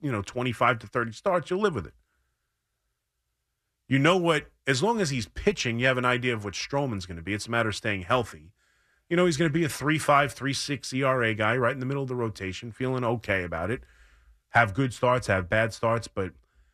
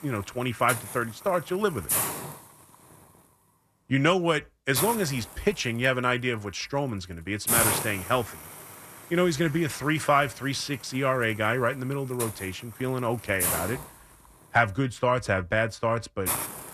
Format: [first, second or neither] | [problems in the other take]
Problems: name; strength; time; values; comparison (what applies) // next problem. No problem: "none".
first | hiss; loud; throughout; 2 dB below the speech